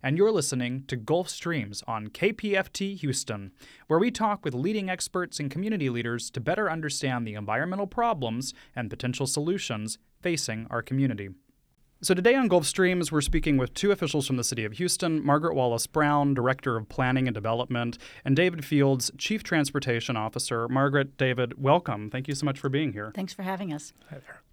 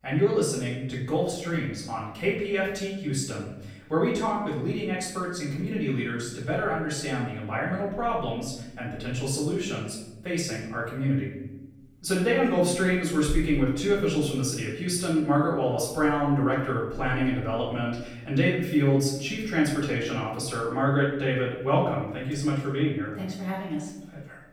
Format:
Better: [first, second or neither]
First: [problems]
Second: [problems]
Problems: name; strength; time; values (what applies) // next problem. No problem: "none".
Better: first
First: none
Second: off-mic speech; far // room echo; noticeable; dies away in 0.8 s